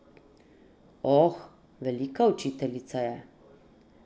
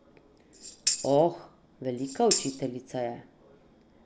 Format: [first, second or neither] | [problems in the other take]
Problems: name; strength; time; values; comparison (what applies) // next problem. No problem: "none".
first | background sound (Tambourine); 3 dB below the speech